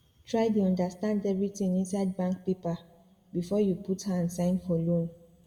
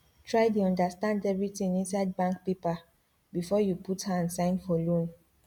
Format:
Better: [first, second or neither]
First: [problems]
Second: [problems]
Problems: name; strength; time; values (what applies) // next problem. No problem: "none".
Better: second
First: room echo; dies away in 0.8 s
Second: none